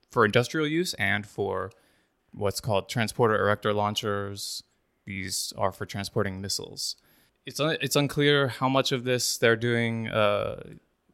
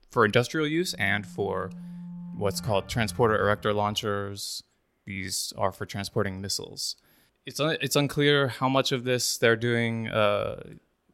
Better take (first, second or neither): first